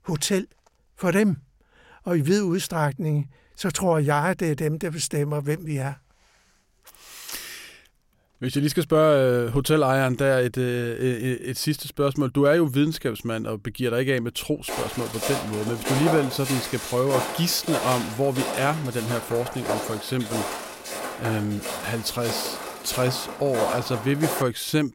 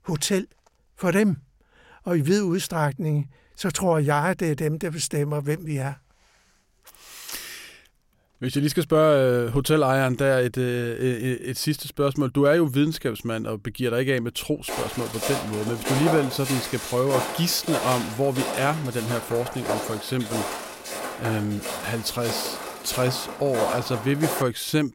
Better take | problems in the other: neither | footsteps; noticeable; from 15 to 24 s; peak 1 dB below the speech; the same in both

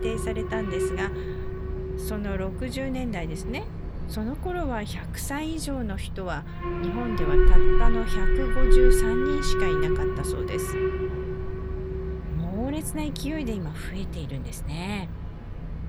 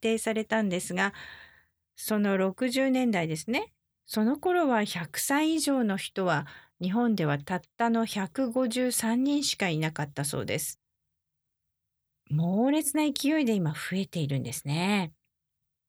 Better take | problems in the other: second | alarms or sirens; very loud; throughout; 4 dB above the speech

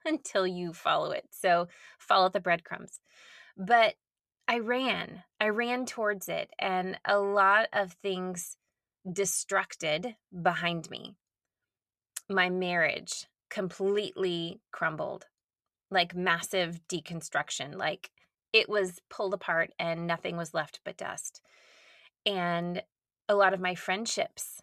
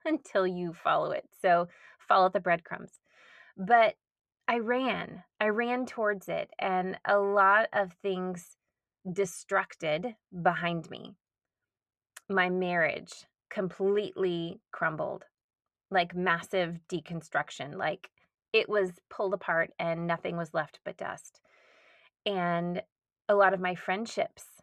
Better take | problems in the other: first | muffled; slightly; fading above 3 kHz

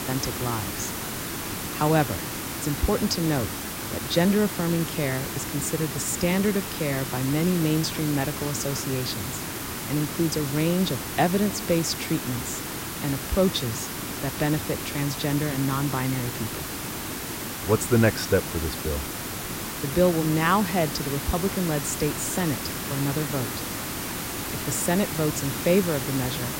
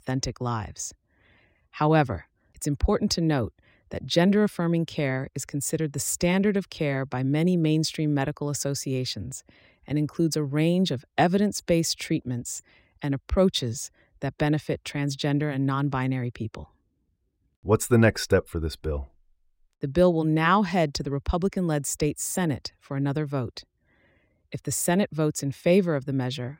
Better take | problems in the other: second | hiss; loud; throughout; 4 dB below the speech

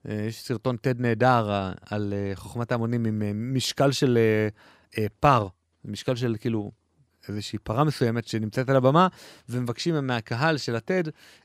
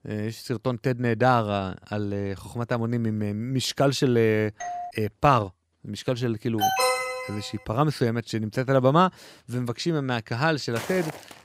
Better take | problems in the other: first | doorbell; noticeable; at 4.5 s; peak 8 dB below the speech // alarm; loud; at 6.5 s; peak 3 dB above the speech // footsteps; noticeable; at 11 s; peak 10 dB below the speech

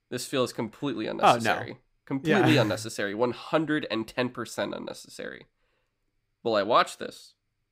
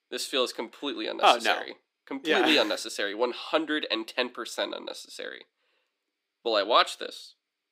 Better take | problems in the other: first | thin; somewhat; fading below 300 Hz

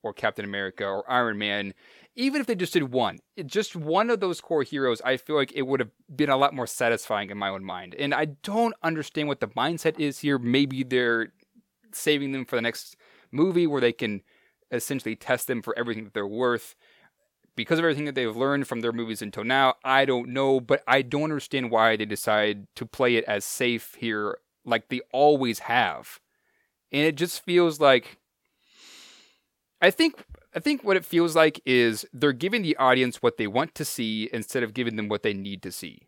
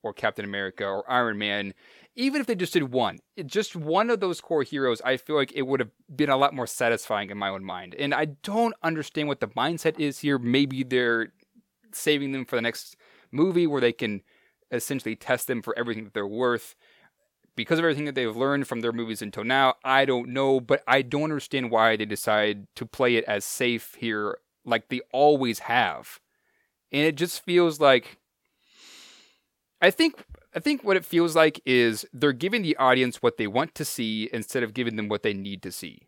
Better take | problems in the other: neither | none

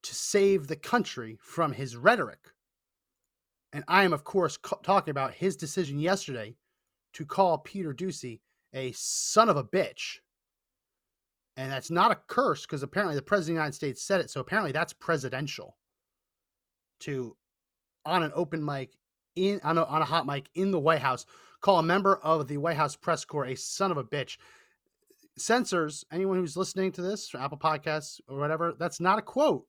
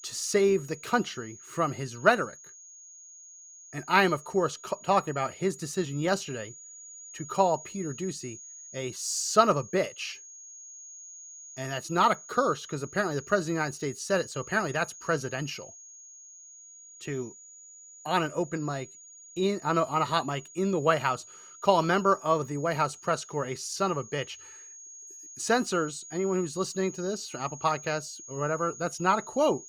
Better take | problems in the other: first | high-pitched whine; noticeable; throughout; 6.5 kHz, 15 dB below the speech

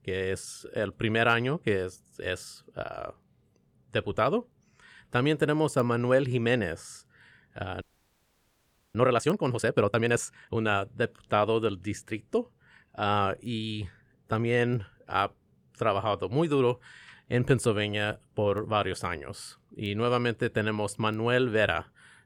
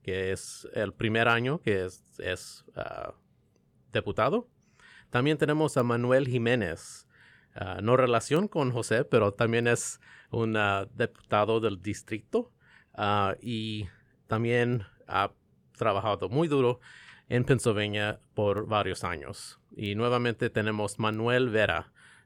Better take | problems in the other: second | audio freezing; at 8 s for 1 s

